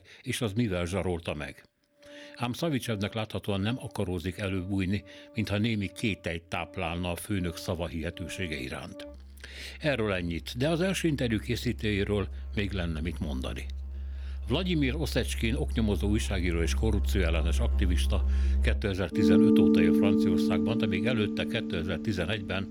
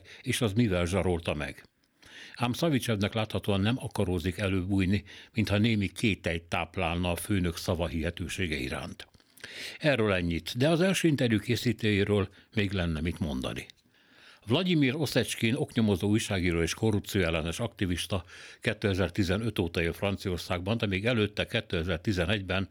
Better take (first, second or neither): second